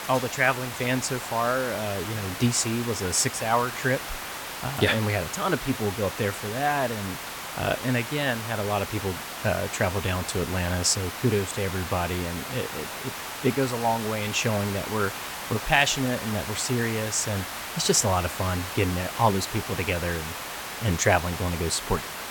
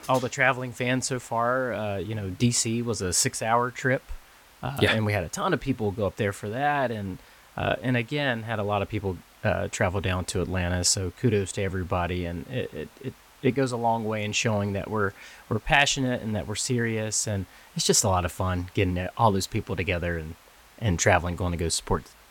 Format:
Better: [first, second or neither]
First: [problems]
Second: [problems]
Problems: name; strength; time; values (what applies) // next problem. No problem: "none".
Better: second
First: hiss; loud; throughout; 7 dB below the speech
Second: hiss; faint; throughout; 25 dB below the speech